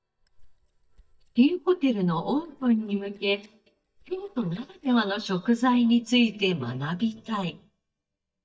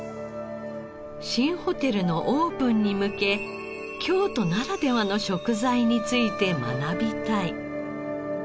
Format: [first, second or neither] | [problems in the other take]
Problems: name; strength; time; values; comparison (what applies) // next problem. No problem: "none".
second | noise reduction (neural mask model DeepFilterNet 3)